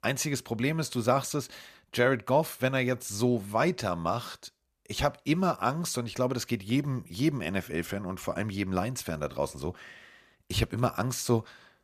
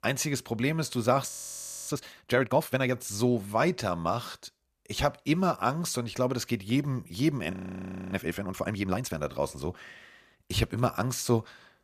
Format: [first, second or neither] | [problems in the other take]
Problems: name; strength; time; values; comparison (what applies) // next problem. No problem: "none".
first | audio freezing; at 1.5 s for 0.5 s and at 7.5 s for 0.5 s